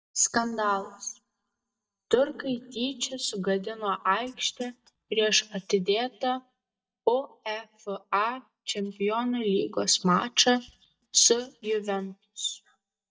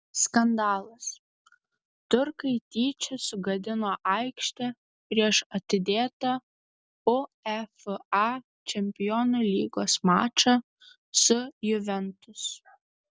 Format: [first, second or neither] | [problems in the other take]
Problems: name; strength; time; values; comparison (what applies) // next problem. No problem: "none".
second | noise reduction (neural mask model DeepFilterNet 3)